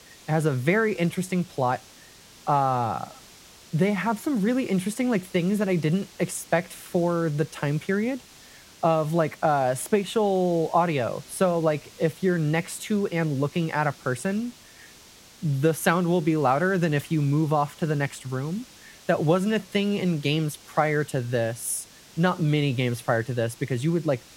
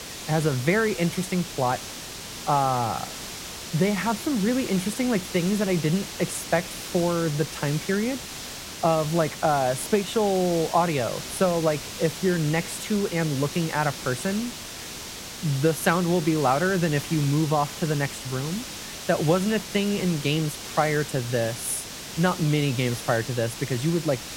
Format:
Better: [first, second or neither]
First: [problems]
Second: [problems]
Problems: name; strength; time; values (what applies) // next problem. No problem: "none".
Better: first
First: hiss; faint; throughout; 20 dB below the speech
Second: hiss; loud; throughout; 9 dB below the speech